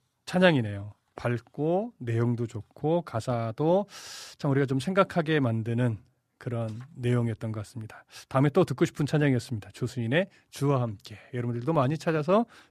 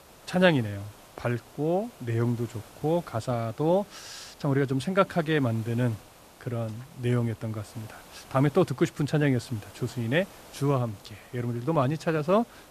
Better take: first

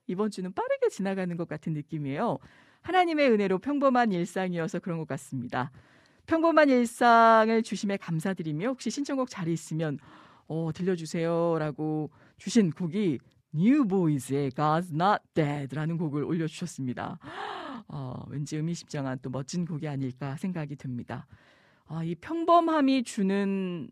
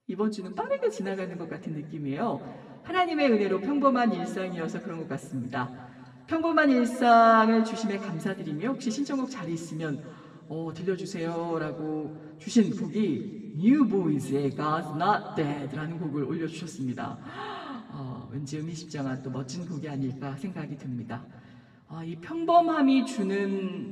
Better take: first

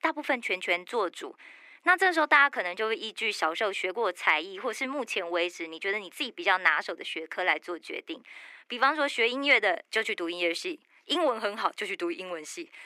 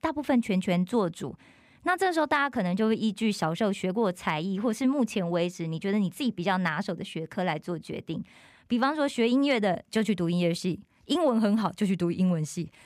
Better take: second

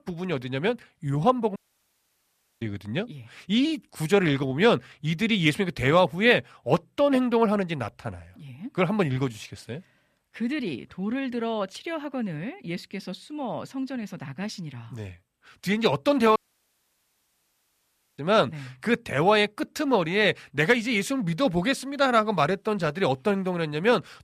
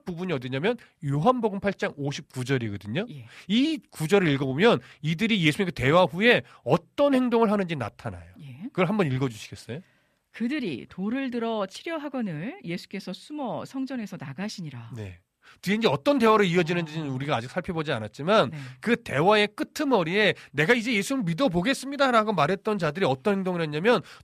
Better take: second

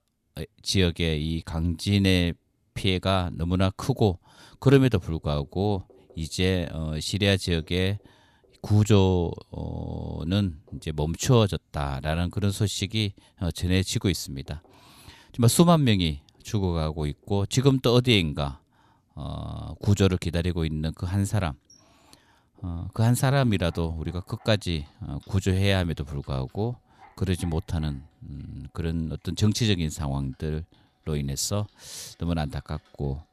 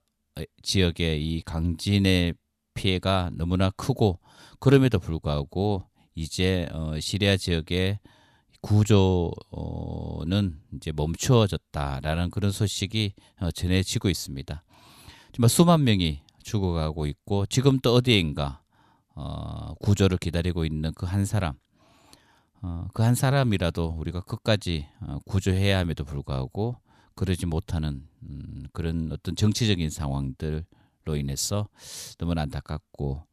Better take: second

